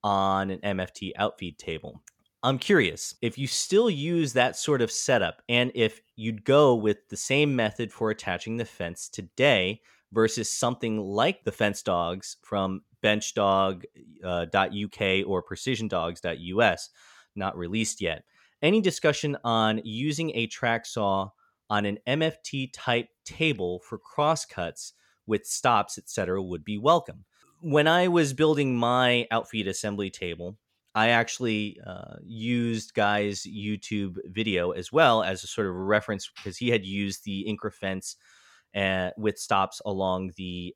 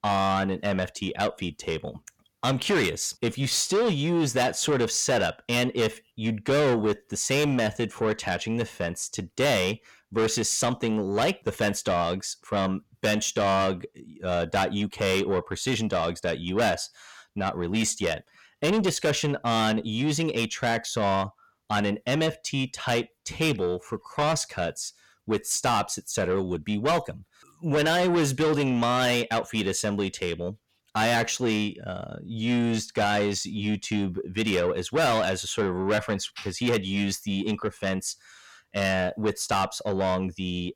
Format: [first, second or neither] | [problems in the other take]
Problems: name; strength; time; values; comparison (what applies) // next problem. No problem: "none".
first | distortion; heavy; 6 dB below the speech